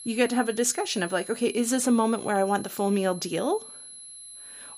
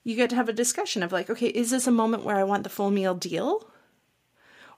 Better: second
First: high-pitched whine; noticeable; throughout; 11 kHz, 15 dB below the speech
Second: none

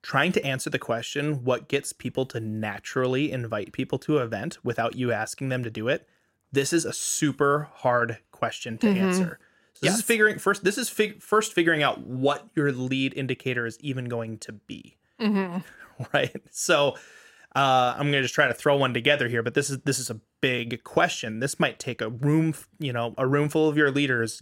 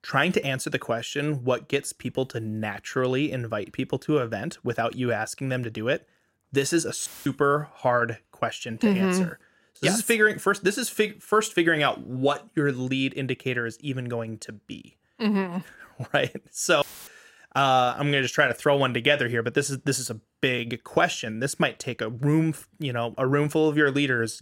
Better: first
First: none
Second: audio cutting out; filled with static; at 7 s and at 17 s

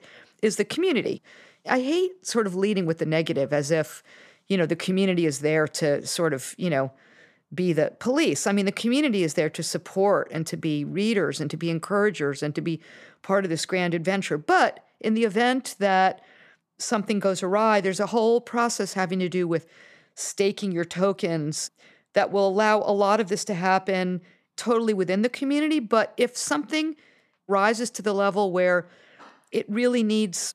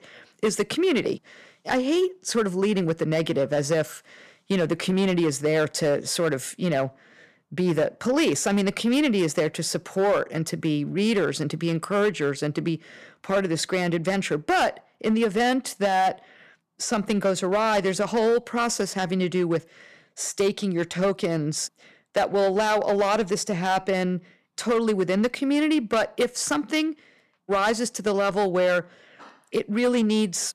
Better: first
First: none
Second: distortion; slight; 6% of the sound clipped

